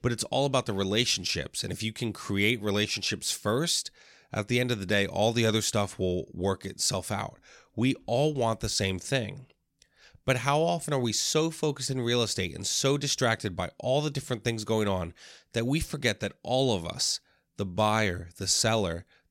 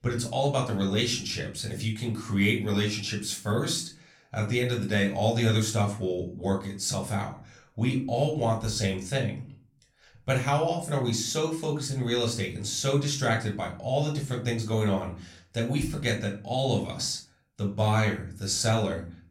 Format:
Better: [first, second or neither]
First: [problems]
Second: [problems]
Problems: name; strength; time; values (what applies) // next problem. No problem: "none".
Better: first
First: none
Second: off-mic speech; somewhat distant // room echo; slight; dies away in 0.4 s